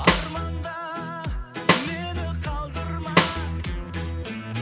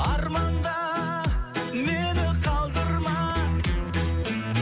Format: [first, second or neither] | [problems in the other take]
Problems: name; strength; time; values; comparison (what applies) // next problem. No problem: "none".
second | background sound (Snare drum); 1 dB above the speech